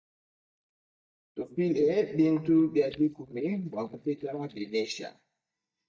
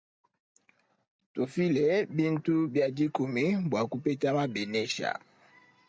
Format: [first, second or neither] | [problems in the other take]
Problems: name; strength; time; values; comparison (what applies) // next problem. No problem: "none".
second | noise reduction (neural mask model DeepFilterNet 3)